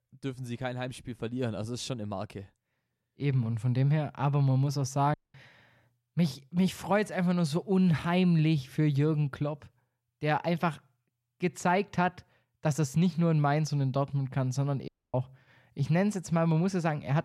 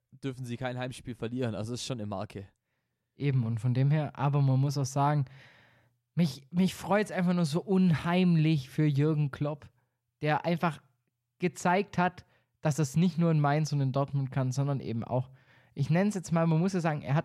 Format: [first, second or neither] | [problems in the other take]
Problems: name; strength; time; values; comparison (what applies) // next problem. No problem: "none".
second | audio cutting out; at 5 s and at 15 s